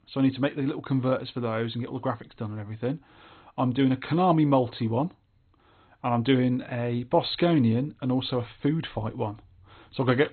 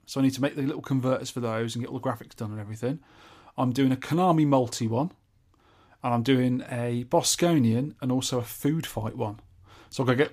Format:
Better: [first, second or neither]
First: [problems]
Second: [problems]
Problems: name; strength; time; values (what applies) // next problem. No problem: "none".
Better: second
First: garbled, watery; badly; nothing above 4 kHz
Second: none